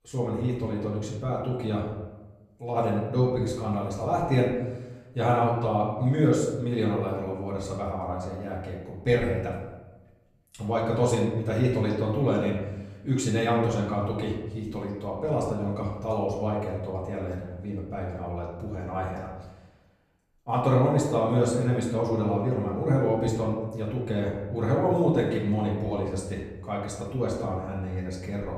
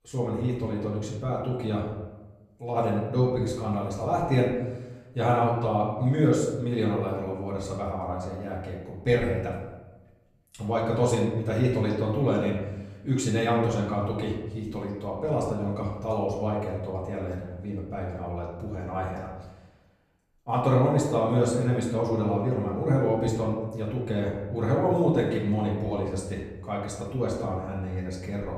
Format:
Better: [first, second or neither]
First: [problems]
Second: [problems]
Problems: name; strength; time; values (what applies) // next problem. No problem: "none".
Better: neither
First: room echo; noticeable; dies away in 0.9 s // off-mic speech; far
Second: room echo; noticeable; dies away in 0.9 s // off-mic speech; far